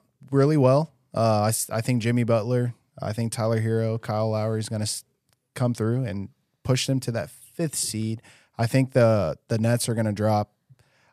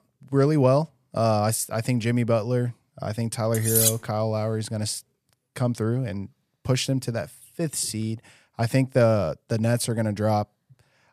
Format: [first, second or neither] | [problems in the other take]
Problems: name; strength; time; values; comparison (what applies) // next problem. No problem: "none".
first | clattering dishes; loud; at 3.5 s; peak 5 dB above the speech